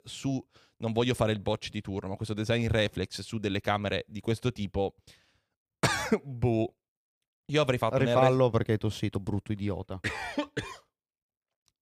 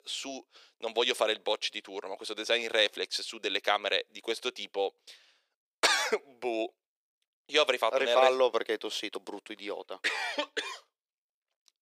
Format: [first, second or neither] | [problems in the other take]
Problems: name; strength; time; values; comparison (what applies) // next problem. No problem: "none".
first | thin; very; fading below 400 Hz